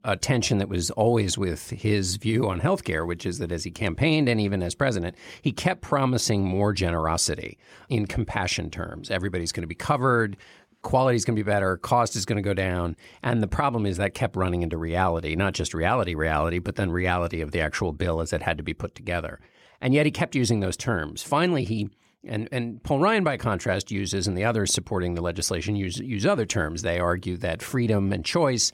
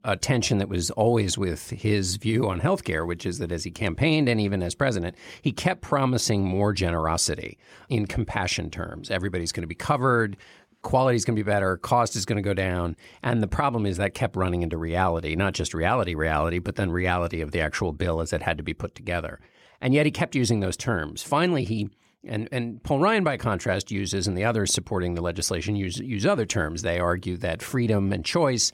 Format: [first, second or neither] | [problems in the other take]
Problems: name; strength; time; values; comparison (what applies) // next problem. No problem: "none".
neither | none